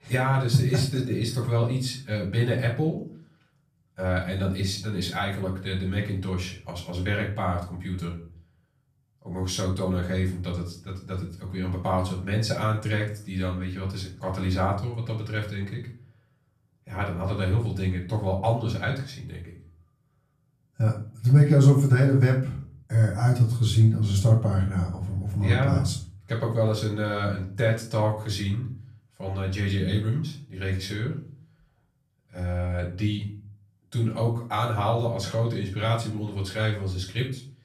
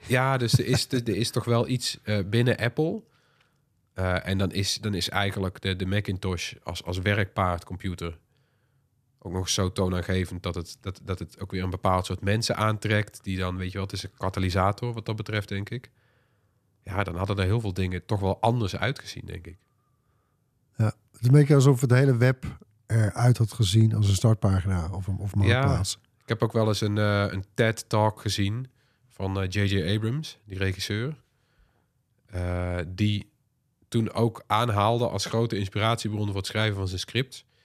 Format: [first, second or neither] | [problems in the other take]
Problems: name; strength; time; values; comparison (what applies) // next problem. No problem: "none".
second | off-mic speech; far // room echo; slight; dies away in 0.4 s